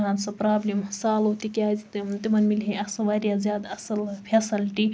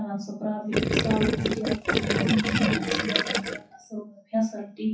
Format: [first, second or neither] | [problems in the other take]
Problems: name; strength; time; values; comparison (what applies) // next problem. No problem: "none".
first | noise reduction (classical method WPE with log-MMSE)